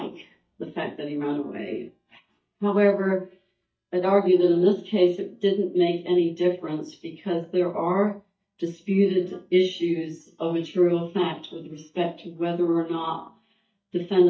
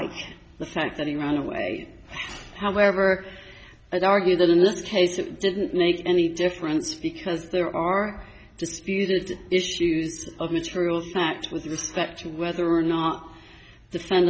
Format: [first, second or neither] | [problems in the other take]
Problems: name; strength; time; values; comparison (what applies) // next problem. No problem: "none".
second | noise reduction (neural mask model DeepFilterNet 3)